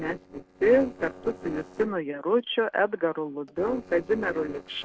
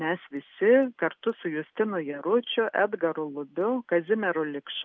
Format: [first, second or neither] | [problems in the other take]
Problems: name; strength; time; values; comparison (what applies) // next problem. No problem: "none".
second | noise reduction (neural separator model SepFormer DNS4)